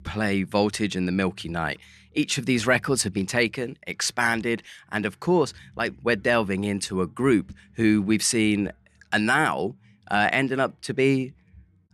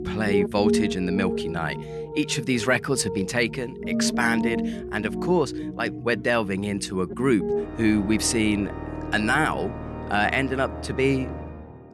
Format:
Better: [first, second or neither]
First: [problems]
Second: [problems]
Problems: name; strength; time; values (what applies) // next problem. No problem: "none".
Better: first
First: none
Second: background music; loud; throughout; 5 dB below the speech